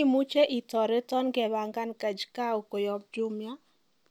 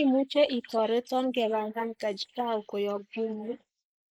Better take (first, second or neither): first